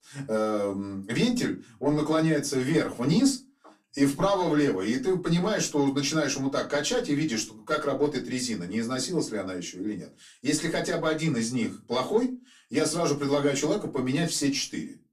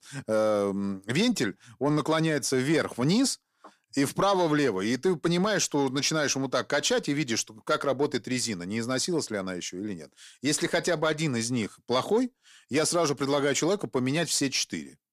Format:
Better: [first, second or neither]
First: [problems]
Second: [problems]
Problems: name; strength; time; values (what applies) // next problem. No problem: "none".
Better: second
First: off-mic speech; far // room echo; very slight; dies away in 0.2 s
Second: none